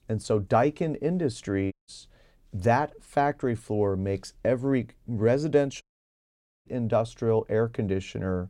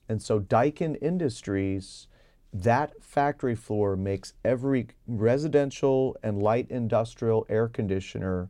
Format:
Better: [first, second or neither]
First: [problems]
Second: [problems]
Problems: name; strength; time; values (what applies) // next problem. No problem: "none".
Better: second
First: audio cutting out; at 1.5 s and at 6 s for 1 s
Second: none